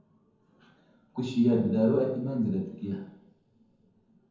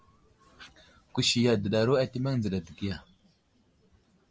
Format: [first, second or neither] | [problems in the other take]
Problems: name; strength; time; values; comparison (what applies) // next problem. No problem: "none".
second | room echo; dies away in 0.9 s